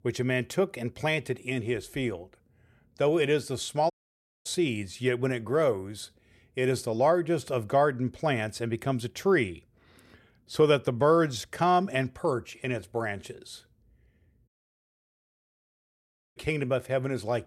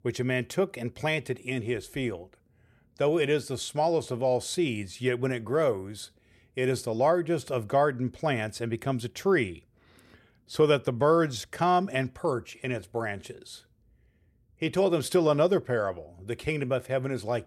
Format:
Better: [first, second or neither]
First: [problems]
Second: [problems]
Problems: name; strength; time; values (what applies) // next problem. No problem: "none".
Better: second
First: audio cutting out; at 4 s for 0.5 s and at 14 s for 2 s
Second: none